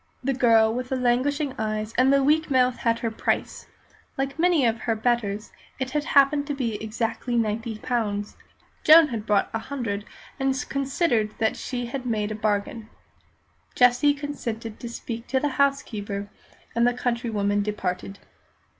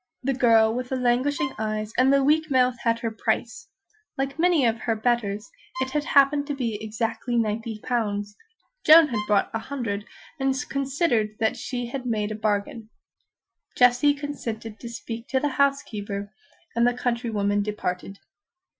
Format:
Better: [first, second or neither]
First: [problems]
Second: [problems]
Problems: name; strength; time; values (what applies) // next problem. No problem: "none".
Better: first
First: none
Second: noise reduction (classical method Wiener filter)